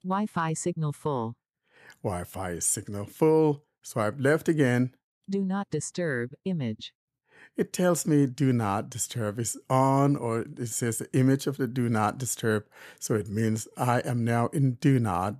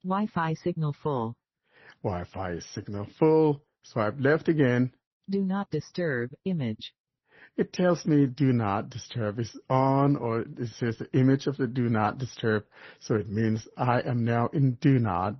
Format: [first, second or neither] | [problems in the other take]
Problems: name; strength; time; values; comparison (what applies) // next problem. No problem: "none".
first | garbled, watery; slightly; nothing above 6 kHz